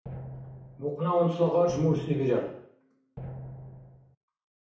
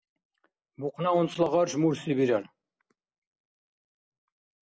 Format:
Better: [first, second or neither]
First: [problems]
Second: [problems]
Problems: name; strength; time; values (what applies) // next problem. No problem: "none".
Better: second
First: background sound (Drum); 12 dB below the speech // room echo; dies away in 0.6 s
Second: none